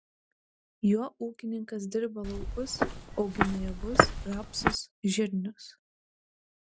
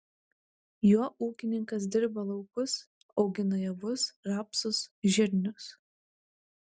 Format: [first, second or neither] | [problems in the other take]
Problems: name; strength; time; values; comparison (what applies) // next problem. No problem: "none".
second | background sound (Walk, footsteps); 4 dB above the speech